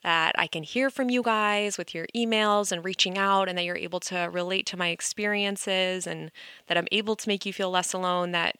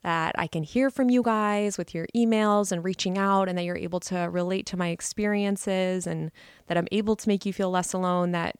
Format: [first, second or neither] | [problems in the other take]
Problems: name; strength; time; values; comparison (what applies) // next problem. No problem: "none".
second | thin; very slightly; fading below 450 Hz